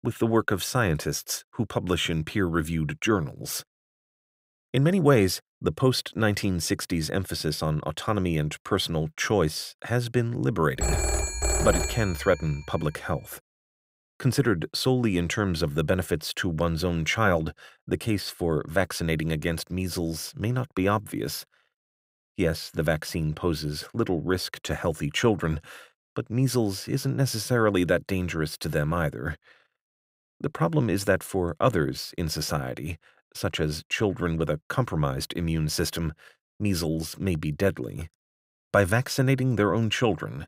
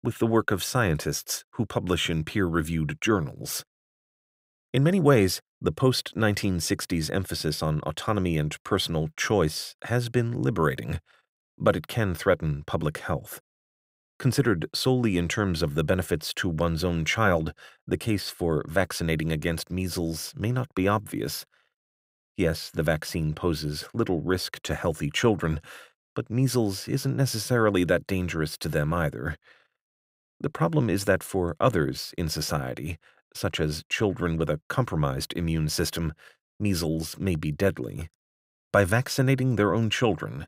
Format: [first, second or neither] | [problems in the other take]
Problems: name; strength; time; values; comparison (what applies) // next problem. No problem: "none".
second | phone ringing; loud; from 11 to 12 s; peak 2 dB above the speech